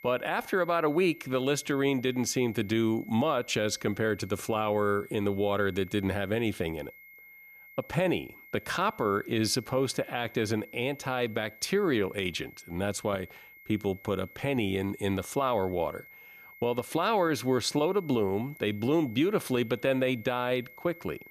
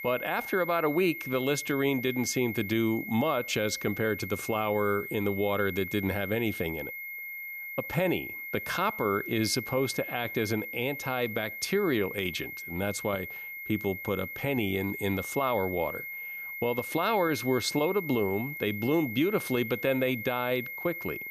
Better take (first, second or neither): first